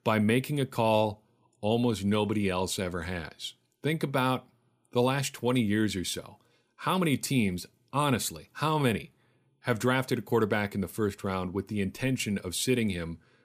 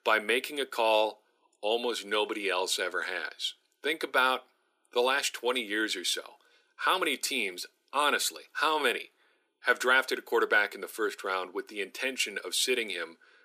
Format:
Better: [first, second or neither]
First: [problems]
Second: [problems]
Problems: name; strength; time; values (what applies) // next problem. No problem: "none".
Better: first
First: none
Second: thin; very; fading below 350 Hz